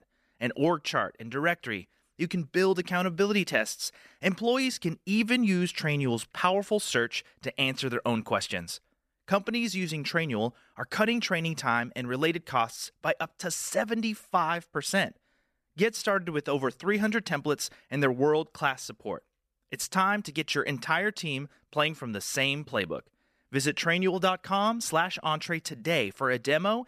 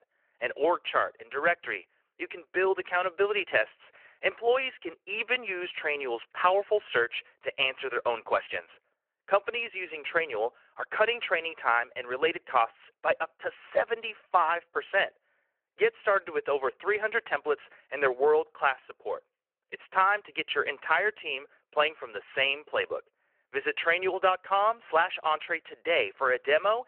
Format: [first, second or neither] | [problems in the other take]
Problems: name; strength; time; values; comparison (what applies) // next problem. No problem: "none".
first | phone-call audio